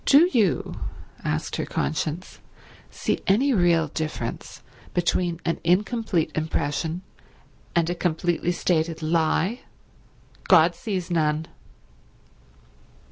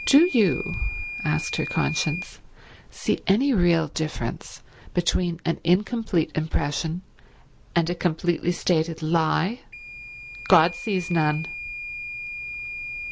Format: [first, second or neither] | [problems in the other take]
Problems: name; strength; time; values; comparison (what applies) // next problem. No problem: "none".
first | background sound (Microwave oven / Alarm); 13 dB below the speech